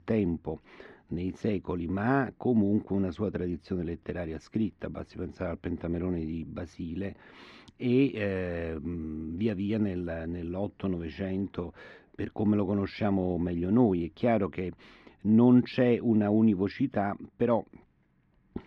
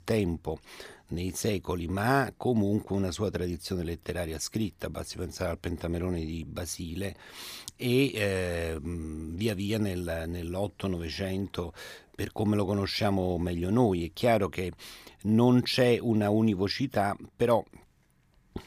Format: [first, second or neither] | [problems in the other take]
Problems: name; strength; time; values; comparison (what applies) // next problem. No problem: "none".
second | muffled; slightly; fading above 2 kHz